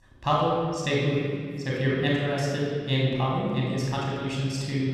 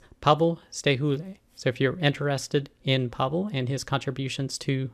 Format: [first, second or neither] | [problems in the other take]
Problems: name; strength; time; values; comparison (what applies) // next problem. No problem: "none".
second | off-mic speech; far // room echo; strong; dies away in 1.9 s